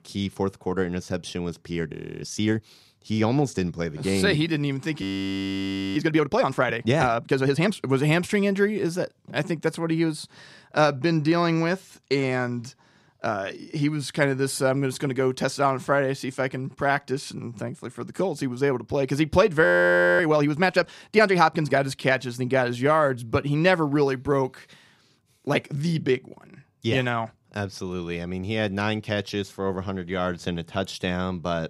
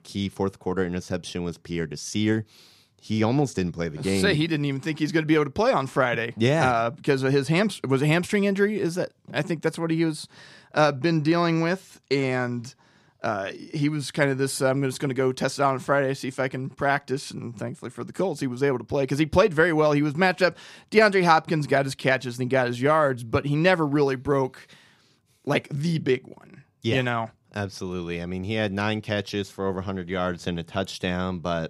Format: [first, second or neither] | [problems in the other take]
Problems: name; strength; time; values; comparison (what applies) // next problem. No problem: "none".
second | audio freezing; at 2 s, at 5 s for 1 s and at 20 s for 0.5 s